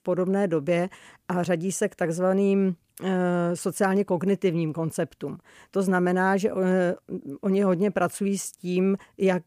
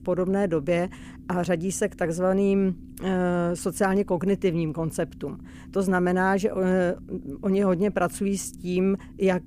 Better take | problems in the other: first | low rumble; faint; throughout; 25 dB below the speech

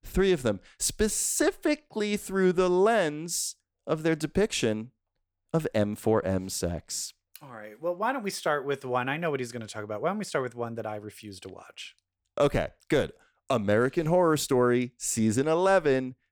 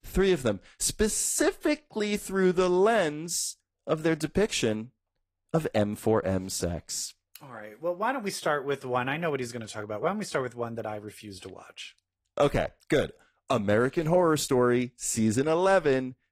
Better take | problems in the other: first | garbled, watery; slightly; nothing above 13.5 kHz

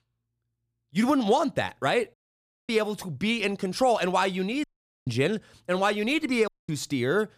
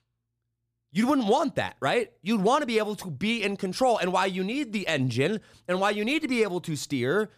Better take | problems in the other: second | audio cutting out; at 2 s for 0.5 s, at 4.5 s and at 6.5 s

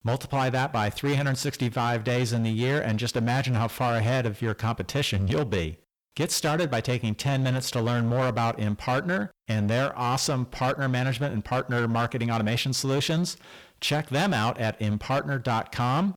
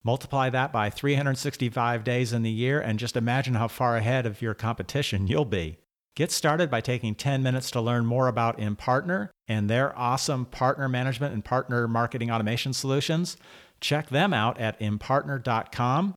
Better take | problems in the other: second | distortion; slight; 16% of the sound clipped

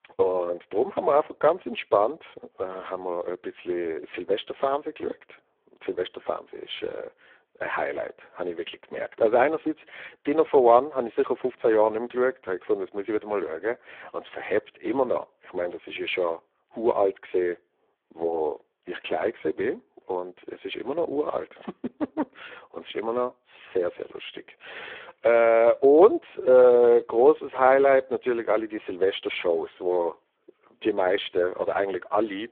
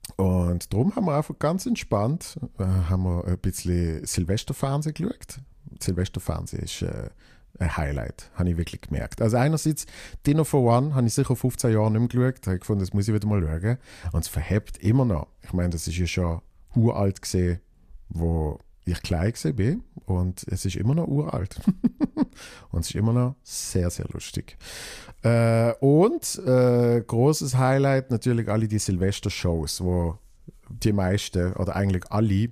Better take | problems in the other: second | phone-call audio; poor line

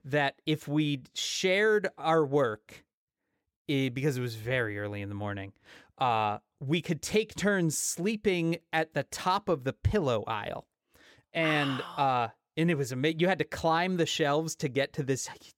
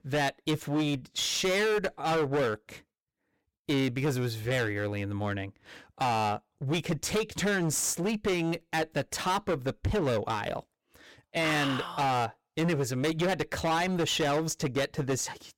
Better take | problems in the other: first | distortion; heavy; 18% of the sound clipped

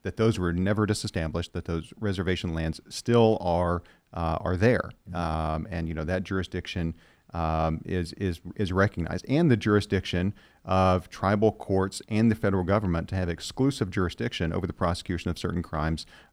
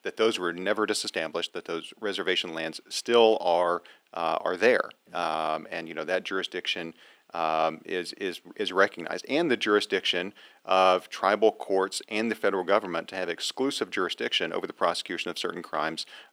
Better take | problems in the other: first | thin; somewhat; fading below 350 Hz

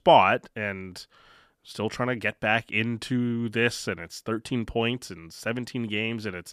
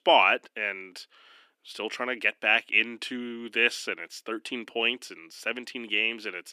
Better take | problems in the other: first | thin; somewhat; fading below 300 Hz

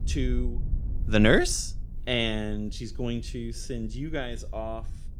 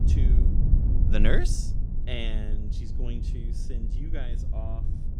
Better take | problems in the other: first | low rumble; loud; throughout; 6 dB below the speech; faint in the first

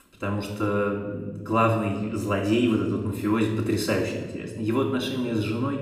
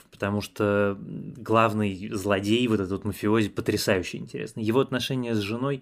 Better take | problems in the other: second | off-mic speech; far // room echo; noticeable; dies away in 1.2 s

